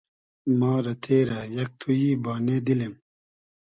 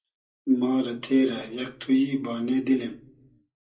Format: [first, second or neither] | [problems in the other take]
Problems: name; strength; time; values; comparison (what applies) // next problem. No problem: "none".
first | room echo; dies away in 0.2 s